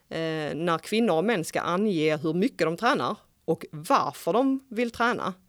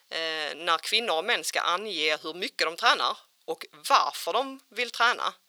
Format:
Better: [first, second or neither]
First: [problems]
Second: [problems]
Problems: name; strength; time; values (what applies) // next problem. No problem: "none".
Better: first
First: none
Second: thin; very; fading below 800 Hz